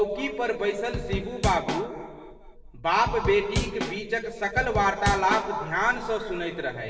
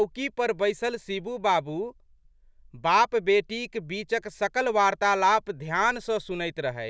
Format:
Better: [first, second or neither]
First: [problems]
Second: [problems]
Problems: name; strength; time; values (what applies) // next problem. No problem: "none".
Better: second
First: background sound (Drum / Drum kit); 4 dB below the speech // room echo; dies away in 1.7 s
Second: none